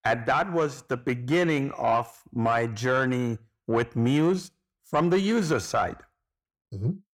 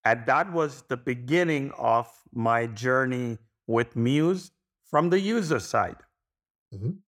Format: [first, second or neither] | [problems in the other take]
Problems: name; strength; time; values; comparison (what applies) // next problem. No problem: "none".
second | distortion; slight; 10 dB below the speech